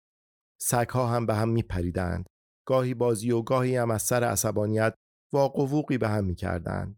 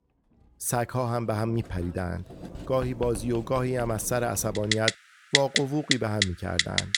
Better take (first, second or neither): first